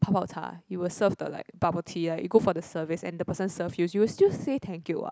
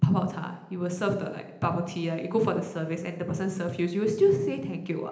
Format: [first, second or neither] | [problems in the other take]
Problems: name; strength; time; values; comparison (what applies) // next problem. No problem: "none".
first | room echo; dies away in 0.9 s